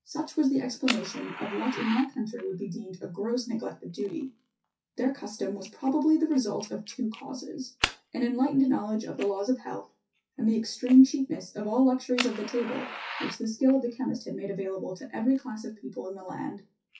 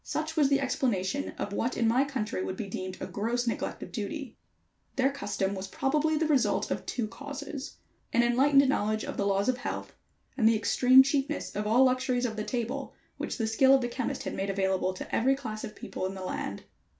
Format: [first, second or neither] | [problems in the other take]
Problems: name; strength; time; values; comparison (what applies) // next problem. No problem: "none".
second | noise reduction (classical method WPE with log-MMSE)